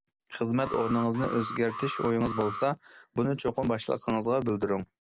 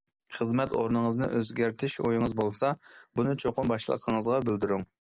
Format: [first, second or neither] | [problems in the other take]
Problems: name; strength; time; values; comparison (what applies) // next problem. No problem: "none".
second | background sound (Alarm); 10 dB below the speech